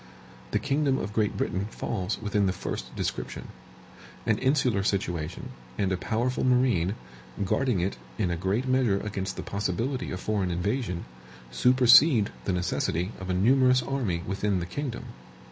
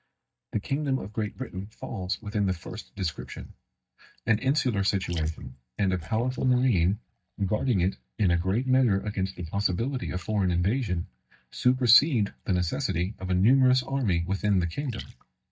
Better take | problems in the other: first | noise reduction (neural mask model DeepFilterNet 3)

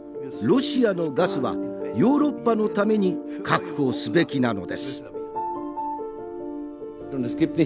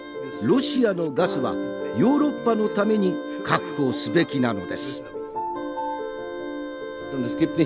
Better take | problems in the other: first | background sound (Wind instrument, woodwind instrument); 13 dB below the speech

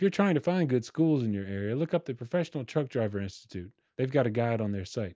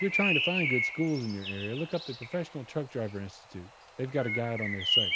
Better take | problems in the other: first | background sound (Bird); as loud as the speech

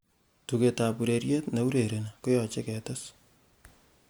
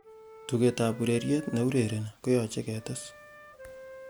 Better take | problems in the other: first | background sound (Wind instrument, woodwind instrument); 19 dB below the speech

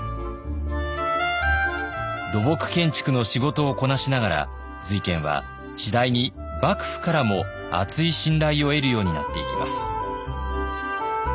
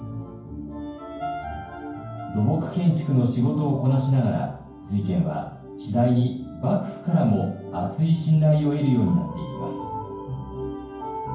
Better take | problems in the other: first | room echo; dies away in 0.9 s

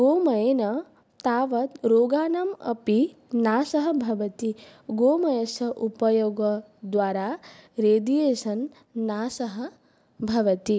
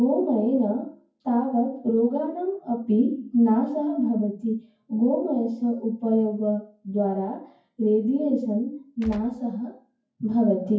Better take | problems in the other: first | noise reduction (classical method WPE with log-MMSE)

